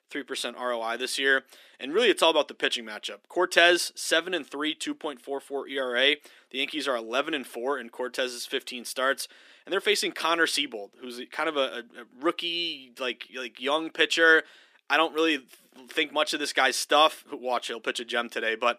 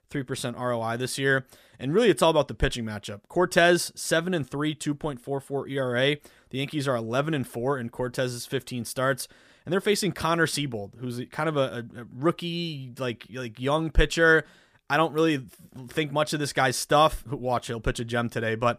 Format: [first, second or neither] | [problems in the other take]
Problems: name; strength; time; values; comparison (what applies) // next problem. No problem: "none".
second | thin; somewhat; fading below 250 Hz